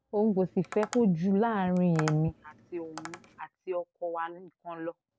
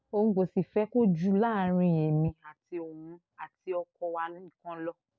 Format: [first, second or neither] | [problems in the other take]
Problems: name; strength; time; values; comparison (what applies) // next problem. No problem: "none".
second | background sound (Tap); 15 dB below the speech